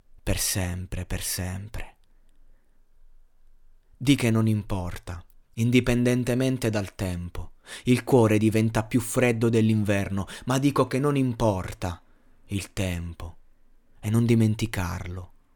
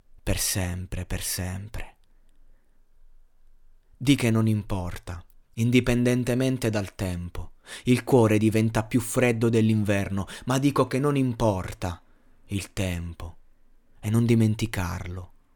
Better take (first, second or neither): neither